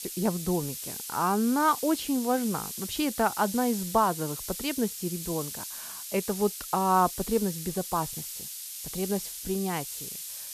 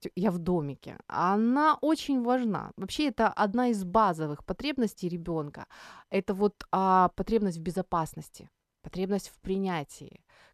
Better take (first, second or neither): second